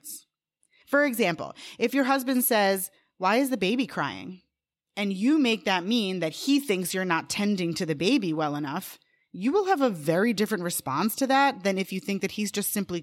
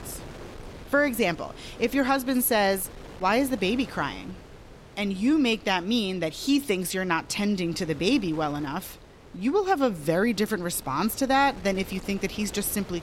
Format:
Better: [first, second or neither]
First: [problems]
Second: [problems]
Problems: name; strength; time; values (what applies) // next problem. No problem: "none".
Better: first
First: none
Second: wind noise on the microphone; occasional gusts; 20 dB below the speech